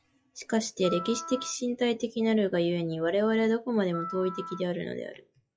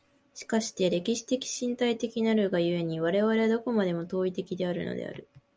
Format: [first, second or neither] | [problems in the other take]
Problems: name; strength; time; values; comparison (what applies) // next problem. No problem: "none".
second | noise reduction (classical method log-MMSE)